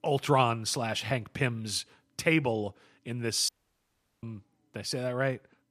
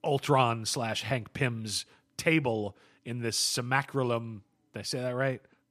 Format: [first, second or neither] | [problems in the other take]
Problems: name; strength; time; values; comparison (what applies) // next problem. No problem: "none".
second | audio cutting out; at 3.5 s for 0.5 s